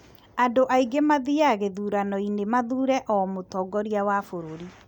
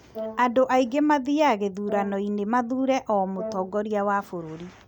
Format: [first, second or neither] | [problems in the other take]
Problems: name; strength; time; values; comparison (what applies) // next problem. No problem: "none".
first | background sound (Brass instrument); 16 dB below the speech